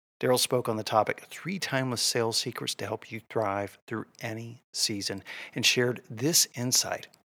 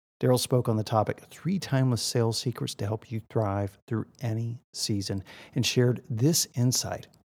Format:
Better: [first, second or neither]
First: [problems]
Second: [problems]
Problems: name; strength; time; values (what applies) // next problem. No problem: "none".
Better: second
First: thin; somewhat; fading below 550 Hz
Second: none